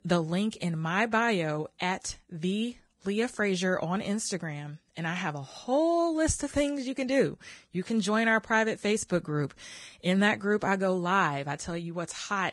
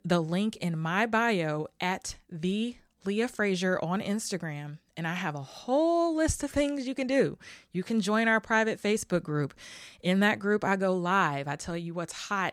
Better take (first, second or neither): second